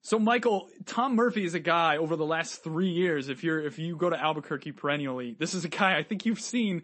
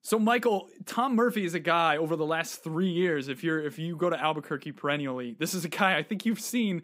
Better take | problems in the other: second | garbled, watery; slightly; nothing above 8 kHz

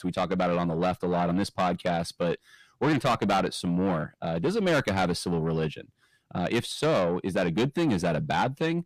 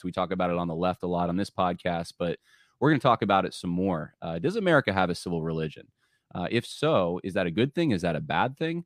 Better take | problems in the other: second | distortion; heavy; 7 dB below the speech

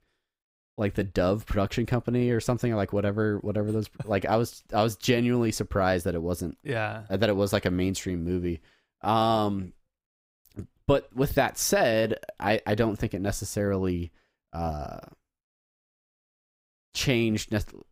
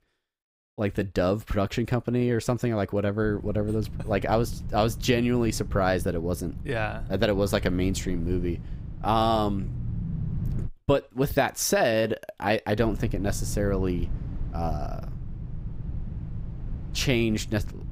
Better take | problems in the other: first | low rumble; faint; from 3 to 11 s and from 13 s on; 20 dB below the speech

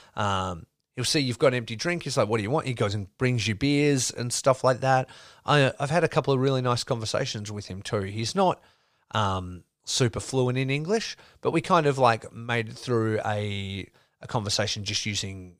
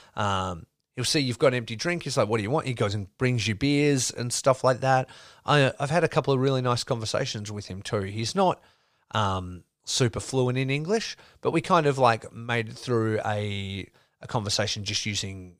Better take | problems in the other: neither | none

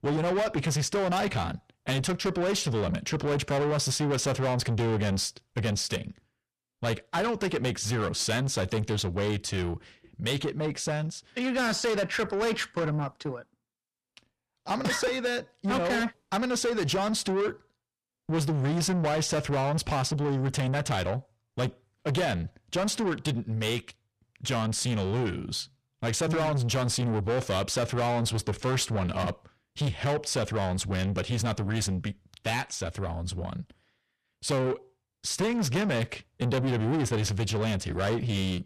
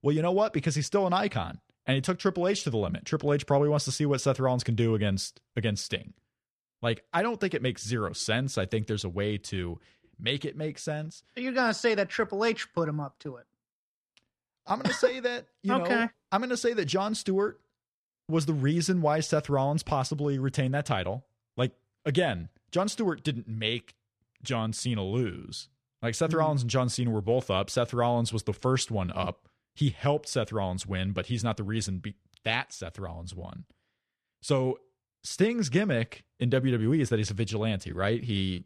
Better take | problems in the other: second | distortion; heavy; 7 dB below the speech

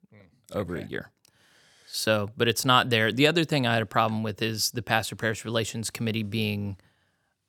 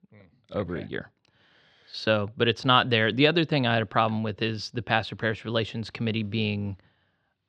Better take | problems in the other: first | muffled; very slightly; fading above 4 kHz

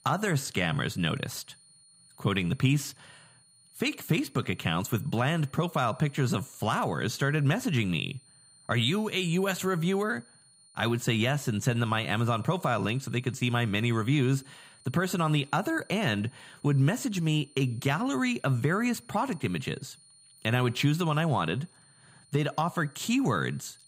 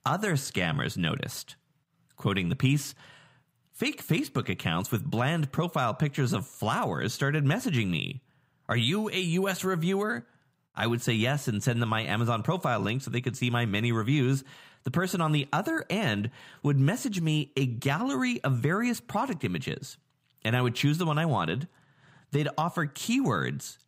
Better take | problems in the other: second | high-pitched whine; faint; throughout; 9 kHz, 25 dB below the speech

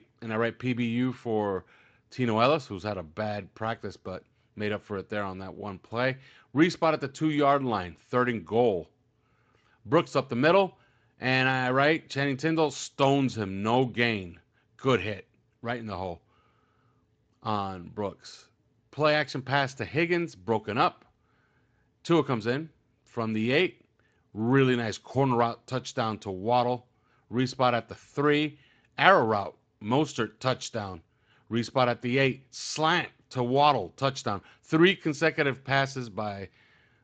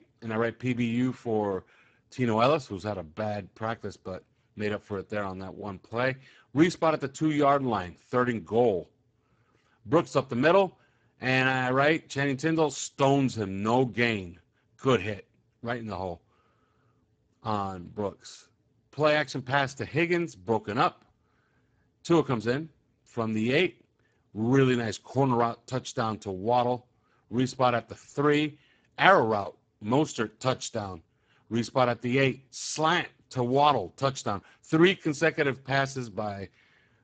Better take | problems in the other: first | garbled, watery; badly; nothing above 7.5 kHz; slightly in the first

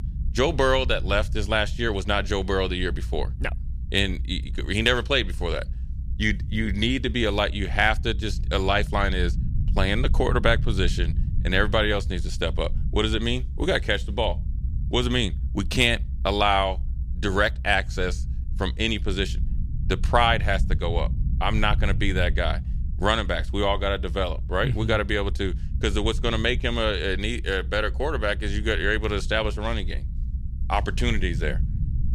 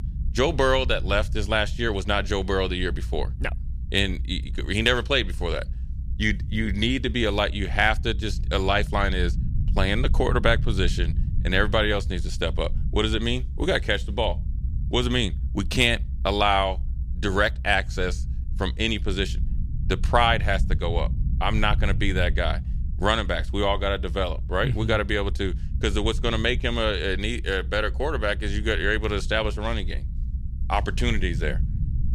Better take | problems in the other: neither | low rumble; faint; throughout; 20 dB below the speech; the same in both

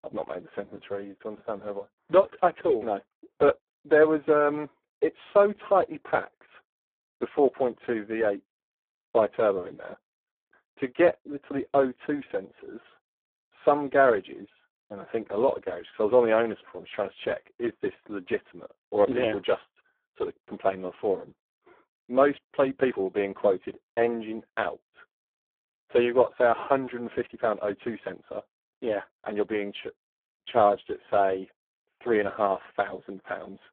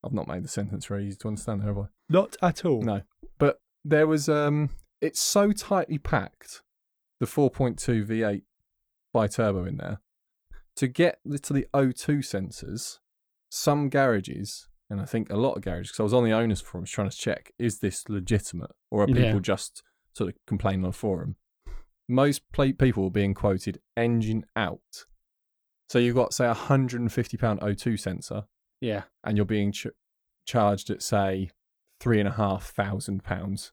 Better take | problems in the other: second | phone-call audio; poor line

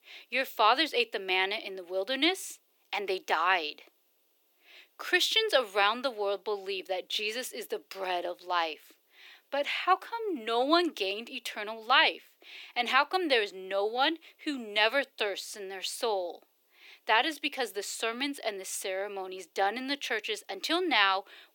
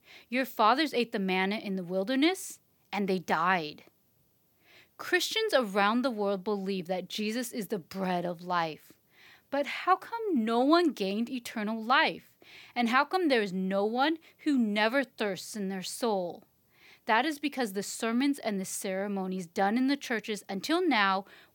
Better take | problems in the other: second | thin; somewhat; fading below 350 Hz

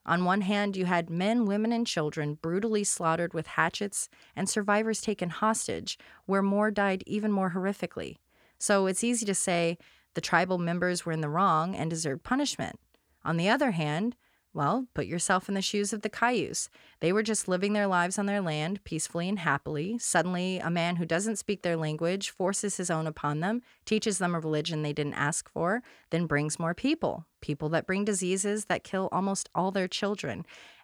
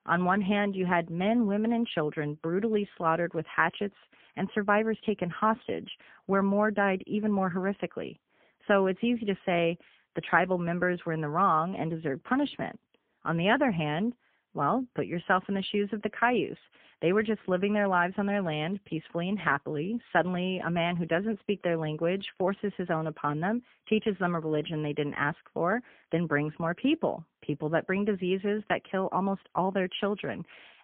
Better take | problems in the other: first | phone-call audio; poor line; nothing above 3 kHz

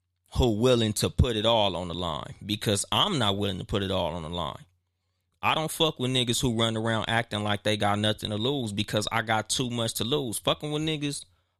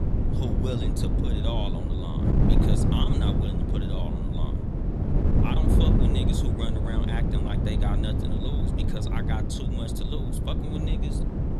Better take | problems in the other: first | wind noise on the microphone; heavy; 3 dB above the speech

